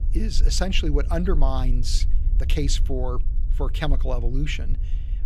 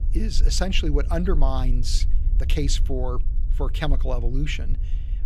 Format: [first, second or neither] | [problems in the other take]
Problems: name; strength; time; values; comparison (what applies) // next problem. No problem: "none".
neither | low rumble; noticeable; throughout; 15 dB below the speech; the same in both